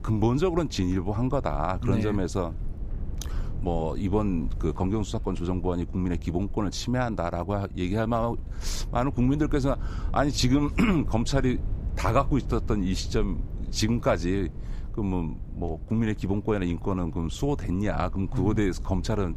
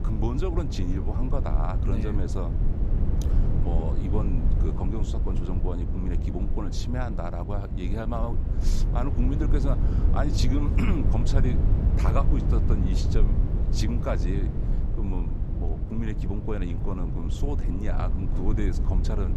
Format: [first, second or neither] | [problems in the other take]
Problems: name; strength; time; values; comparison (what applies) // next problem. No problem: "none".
first | low rumble; loud; throughout; 4 dB below the speech; faint in the first